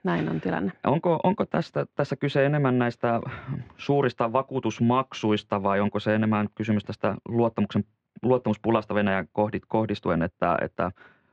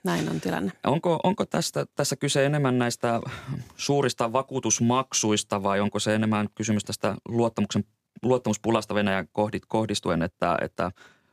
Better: second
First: muffled; very; fading above 2.5 kHz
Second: none

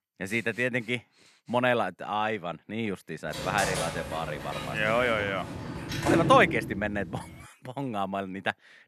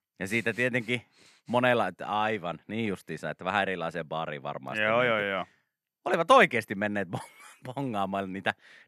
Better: second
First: door banging; loud; from 3.5 to 7 s; peak 2 dB above the speech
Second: none

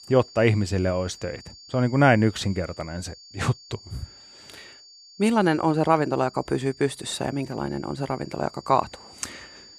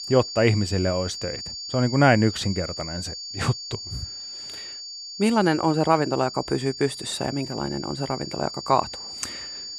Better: first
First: high-pitched whine; faint; throughout; 4.5 kHz, 20 dB below the speech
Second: high-pitched whine; loud; throughout; 4.5 kHz, 9 dB below the speech

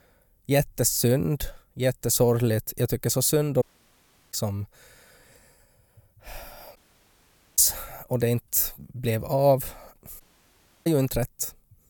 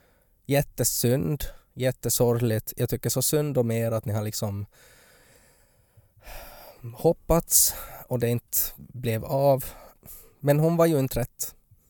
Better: second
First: audio cutting out; at 3.5 s for 0.5 s, at 7 s for 1 s and at 10 s for 0.5 s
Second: none

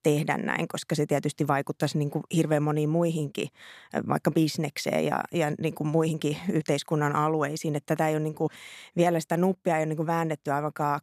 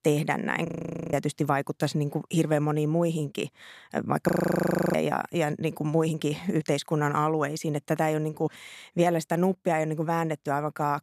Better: first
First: none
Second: audio freezing; at 0.5 s and at 4.5 s for 0.5 s

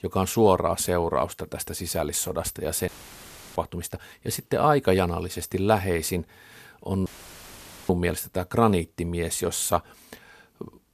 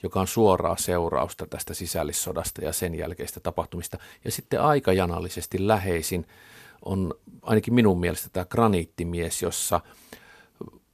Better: second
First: audio cutting out; filled with static; at 3 s for 0.5 s and at 7 s for 1 s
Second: none

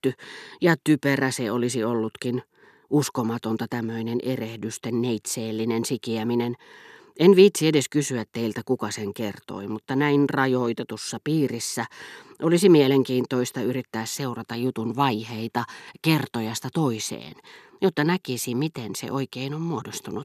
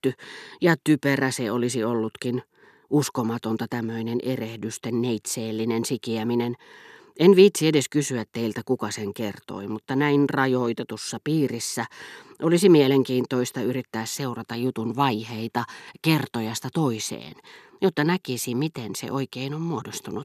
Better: neither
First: none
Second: none

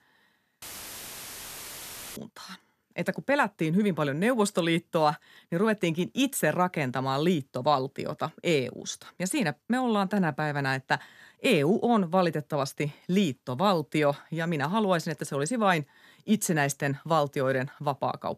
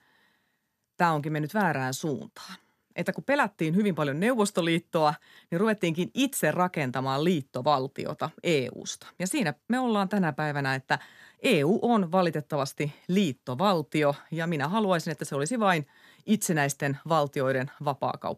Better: second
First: audio cutting out; filled with static; at 0.5 s for 1.5 s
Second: none

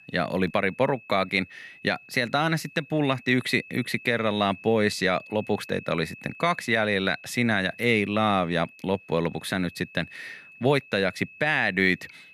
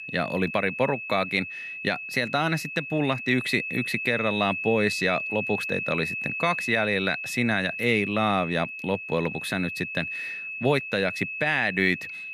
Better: first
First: high-pitched whine; faint; throughout; 2.5 kHz, 20 dB below the speech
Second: high-pitched whine; loud; throughout; 2.5 kHz, 5 dB below the speech

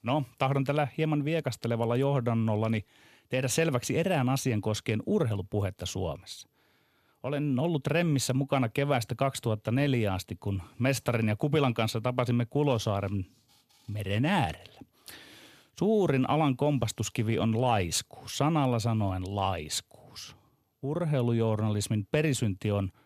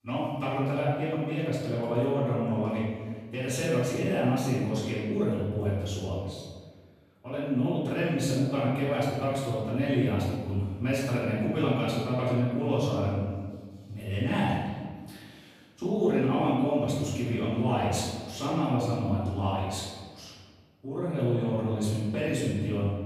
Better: first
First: none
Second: off-mic speech; far // room echo; strong; dies away in 1.4 s

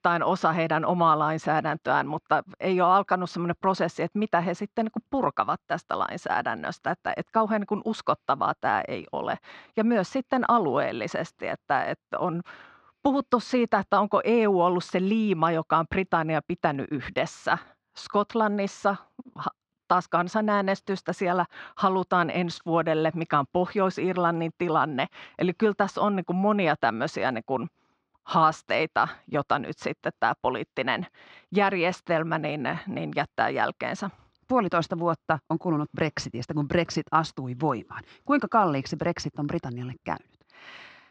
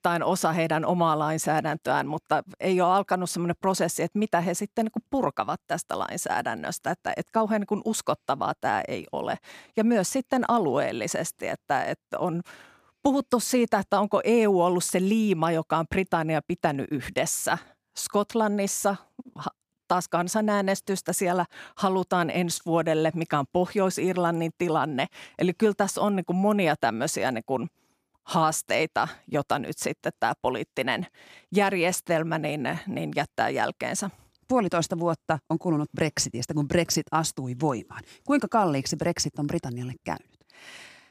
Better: second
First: muffled; slightly; fading above 4.5 kHz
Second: none

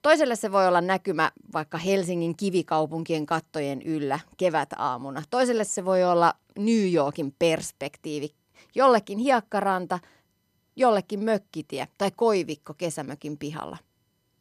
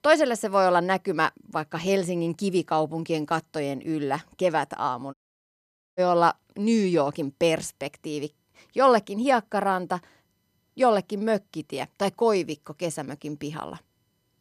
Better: first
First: none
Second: audio cutting out; at 5 s for 1 s

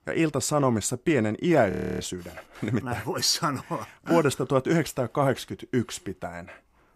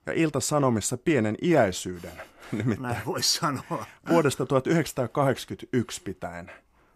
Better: second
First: audio freezing; at 1.5 s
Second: none

